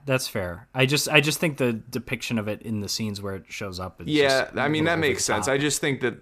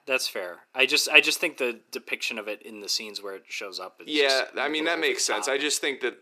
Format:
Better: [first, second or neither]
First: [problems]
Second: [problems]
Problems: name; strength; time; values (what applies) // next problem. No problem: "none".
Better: first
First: none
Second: thin; somewhat; fading below 350 Hz